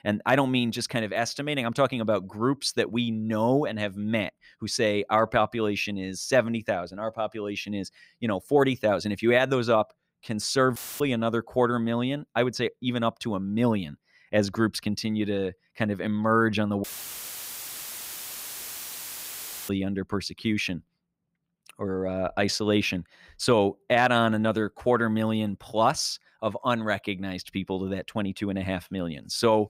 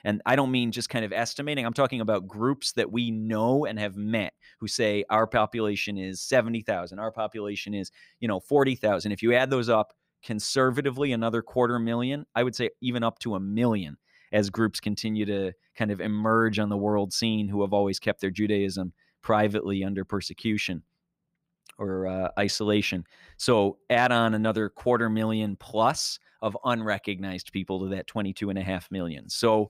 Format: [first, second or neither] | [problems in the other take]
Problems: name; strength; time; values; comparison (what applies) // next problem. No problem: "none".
second | audio cutting out; filled with static; at 11 s and at 17 s for 3 s